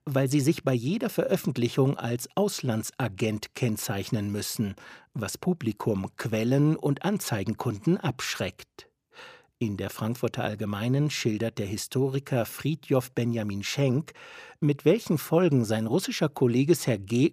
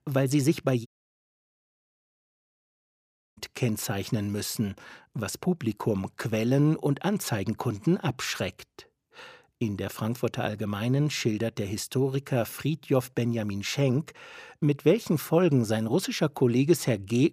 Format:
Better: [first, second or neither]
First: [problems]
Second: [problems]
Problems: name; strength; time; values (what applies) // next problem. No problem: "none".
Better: first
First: none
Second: audio cutting out; at 1 s for 2.5 s